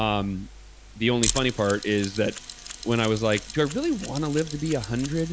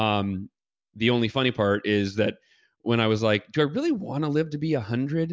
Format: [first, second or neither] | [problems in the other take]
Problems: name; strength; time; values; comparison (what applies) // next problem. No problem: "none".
second | background sound (Mechanisms); 10 dB below the speech